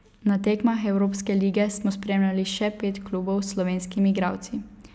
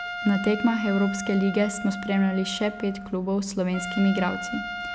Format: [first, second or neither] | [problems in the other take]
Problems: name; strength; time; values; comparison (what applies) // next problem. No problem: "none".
first | background sound (Trumpet); 10 dB below the speech